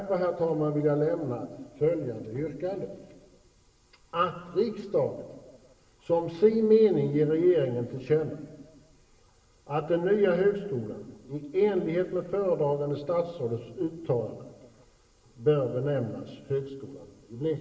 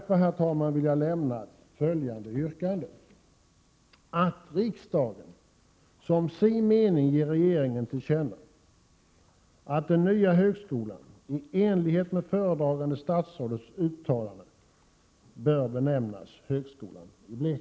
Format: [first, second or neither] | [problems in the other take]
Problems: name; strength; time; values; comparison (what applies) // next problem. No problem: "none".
second | room echo; dies away in 1.3 s